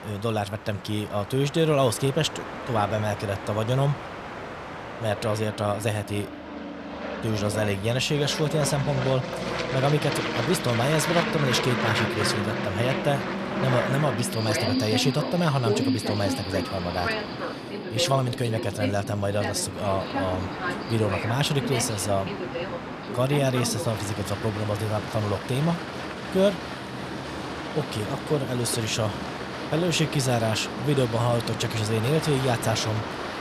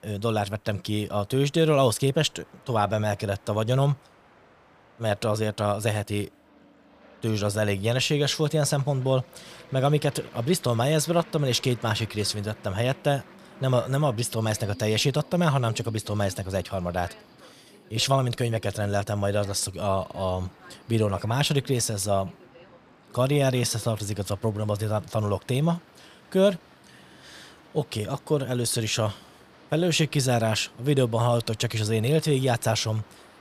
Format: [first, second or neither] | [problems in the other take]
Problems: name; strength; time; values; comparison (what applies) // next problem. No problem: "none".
second | train or aircraft noise; loud; throughout; 4 dB below the speech; faint in the second